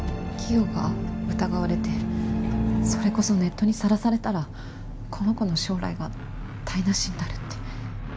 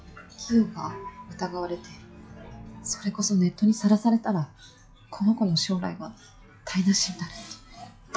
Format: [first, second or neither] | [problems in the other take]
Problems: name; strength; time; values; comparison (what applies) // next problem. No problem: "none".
first | noise reduction (classical method log-MMSE)